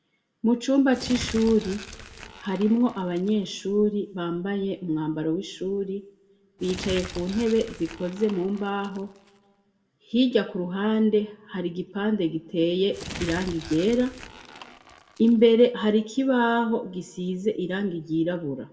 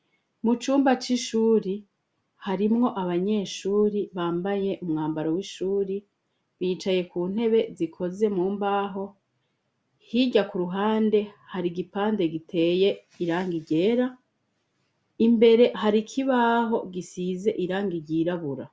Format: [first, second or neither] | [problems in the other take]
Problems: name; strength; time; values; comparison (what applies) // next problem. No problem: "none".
second | background sound (Crumpling, crinkling); 15 dB below the speech // room echo; dies away in 0.5 s